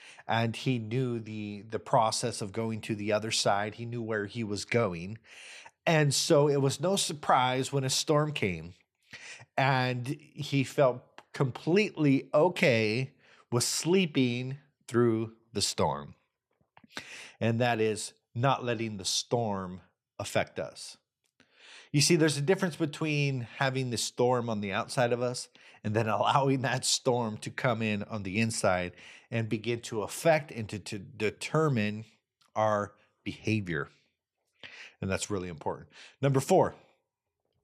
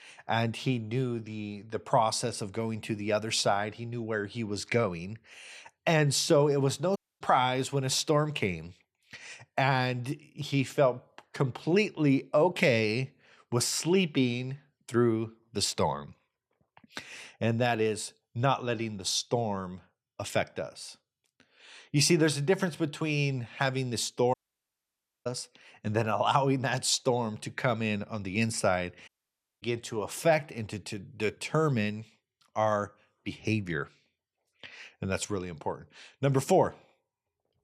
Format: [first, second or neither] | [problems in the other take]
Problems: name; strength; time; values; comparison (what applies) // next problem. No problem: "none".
first | audio cutting out; at 7 s, at 24 s for 1 s and at 29 s for 0.5 s